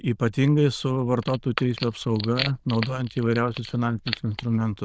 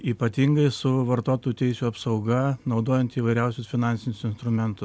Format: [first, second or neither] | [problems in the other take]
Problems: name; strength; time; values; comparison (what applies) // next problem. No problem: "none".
second | noise reduction (neural diffusion model UNIVERSE++)